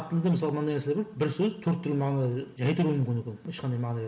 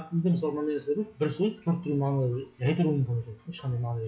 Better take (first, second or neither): first